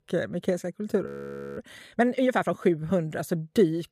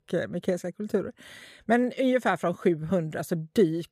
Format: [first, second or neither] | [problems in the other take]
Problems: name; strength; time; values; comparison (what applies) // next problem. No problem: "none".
second | audio freezing; at 1 s for 0.5 s